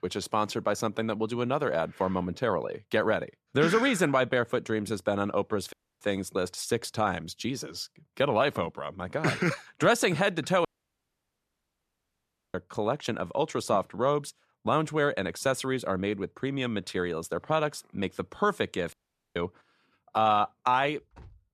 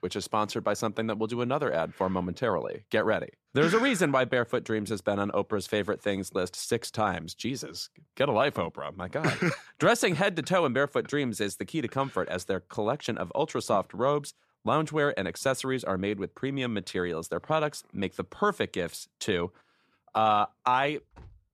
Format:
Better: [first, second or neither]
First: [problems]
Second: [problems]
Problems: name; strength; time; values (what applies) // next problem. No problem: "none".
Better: second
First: audio cutting out; at 5.5 s, at 11 s for 2 s and at 19 s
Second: none